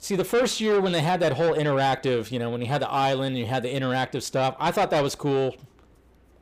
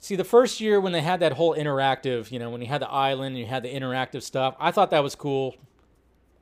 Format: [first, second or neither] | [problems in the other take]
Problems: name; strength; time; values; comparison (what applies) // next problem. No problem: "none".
second | distortion; heavy; 7 dB below the speech